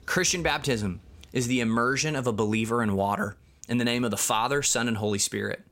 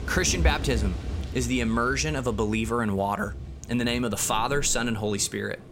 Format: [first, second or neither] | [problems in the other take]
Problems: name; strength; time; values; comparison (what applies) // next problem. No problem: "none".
first | rain or running water; loud; throughout; 8 dB below the speech; faint in the first